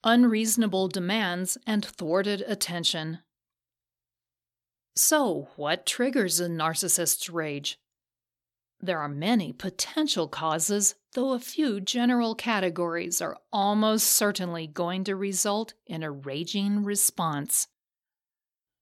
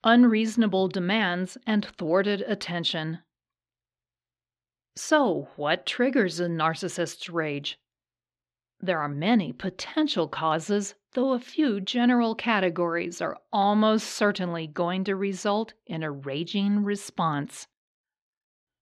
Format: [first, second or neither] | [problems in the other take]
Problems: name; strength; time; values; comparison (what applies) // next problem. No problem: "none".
first | muffled; slightly; fading above 2.5 kHz